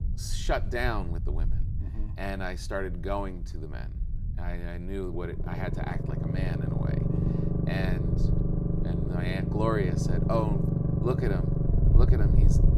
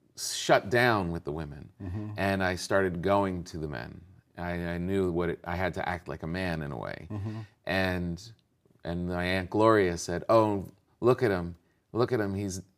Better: second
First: low rumble; loud; throughout; 3 dB below the speech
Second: none

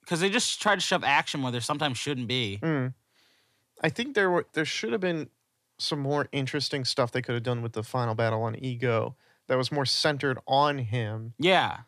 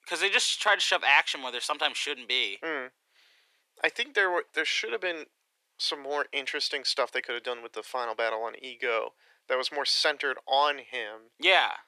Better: first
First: none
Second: thin; very; fading below 400 Hz

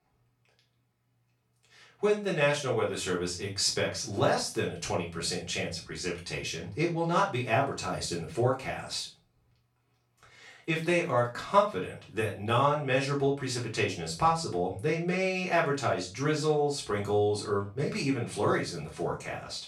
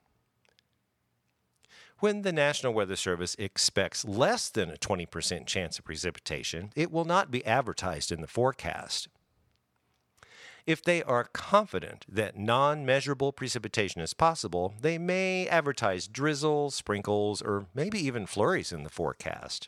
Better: second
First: off-mic speech; far // room echo; slight; dies away in 0.3 s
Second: none

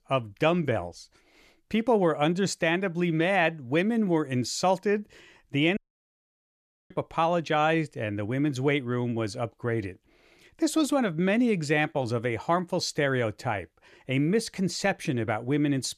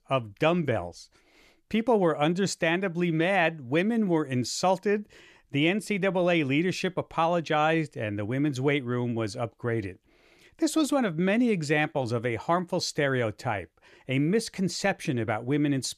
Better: second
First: audio cutting out; at 6 s for 1 s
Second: none

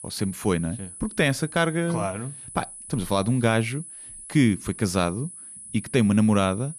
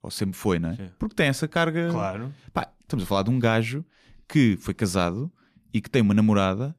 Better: second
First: high-pitched whine; noticeable; throughout; 10 kHz, 15 dB below the speech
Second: none

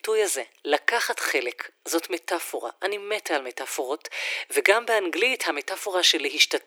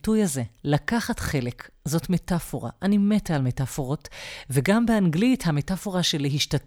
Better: second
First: thin; very; fading below 350 Hz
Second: none

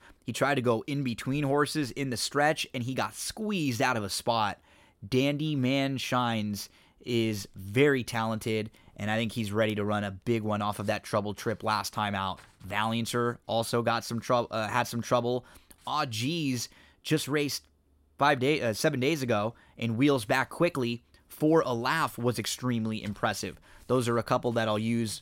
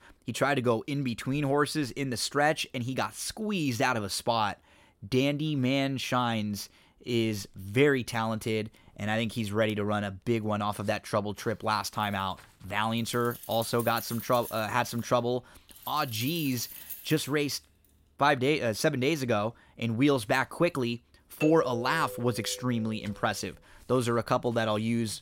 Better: first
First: none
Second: jangling keys; noticeable; from 12 to 18 s; peak 10 dB below the speech // doorbell; noticeable; from 21 to 23 s; peak 5 dB below the speech

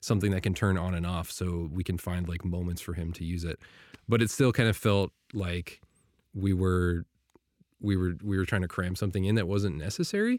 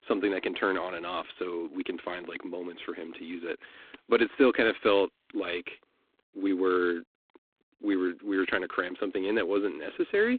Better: first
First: none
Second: phone-call audio; poor line

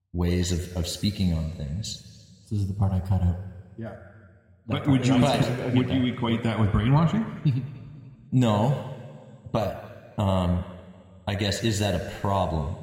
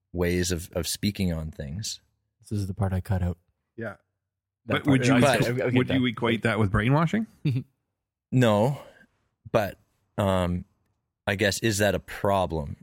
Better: second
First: room echo; slight; dies away in 2 s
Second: none

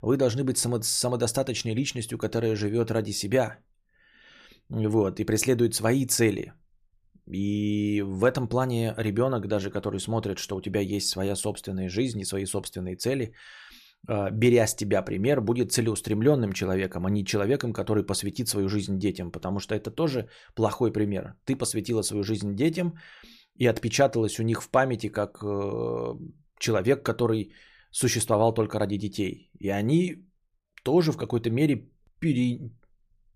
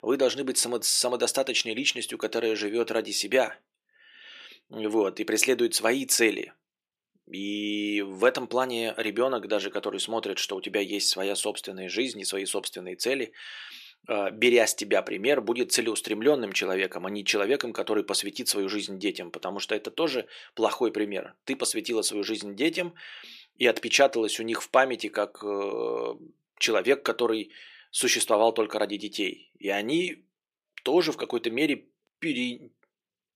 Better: first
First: none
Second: thin; somewhat; fading below 300 Hz

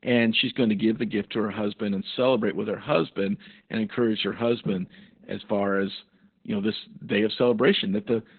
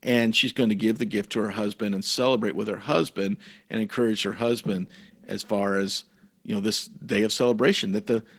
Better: second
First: garbled, watery; badly; nothing above 4 kHz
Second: garbled, watery; slightly

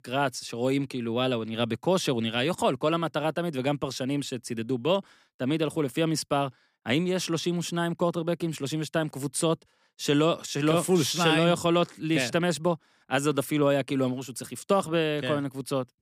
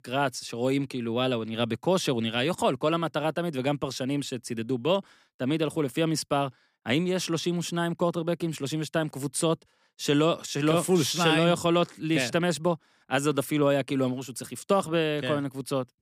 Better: neither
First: none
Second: none

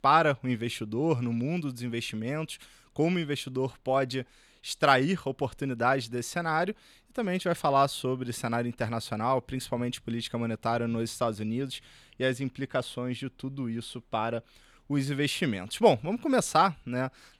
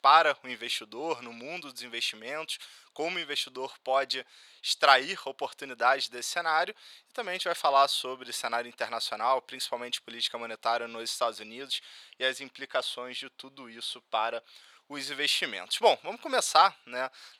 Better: first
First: none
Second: thin; very; fading below 750 Hz

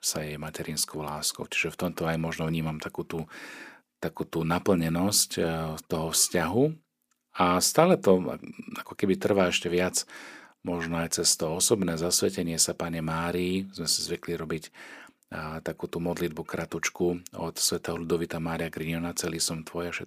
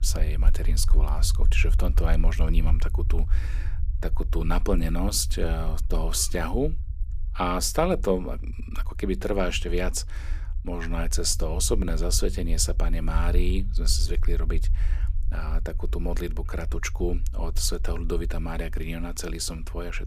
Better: first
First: none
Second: low rumble; noticeable; throughout; 20 dB below the speech

